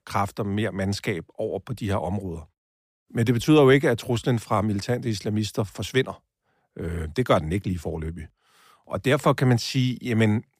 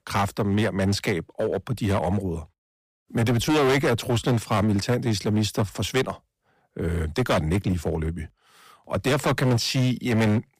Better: first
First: none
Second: distortion; heavy; 14% of the sound clipped

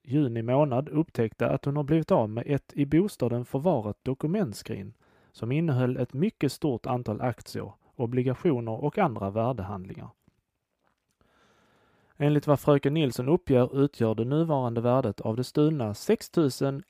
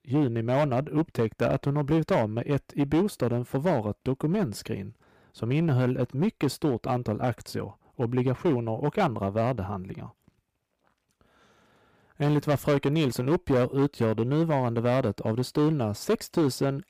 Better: first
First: none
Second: distortion; slight; 8% of the sound clipped

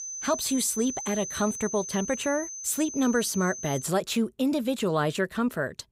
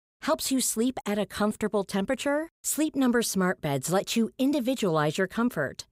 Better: second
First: high-pitched whine; loud; until 4 s; 6 kHz, 7 dB below the speech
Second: none

